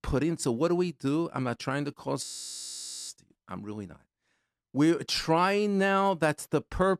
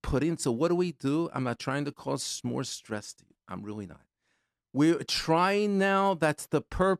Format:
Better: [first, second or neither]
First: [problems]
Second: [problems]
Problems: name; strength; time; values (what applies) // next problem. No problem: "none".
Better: second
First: audio freezing; at 2 s for 1 s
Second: none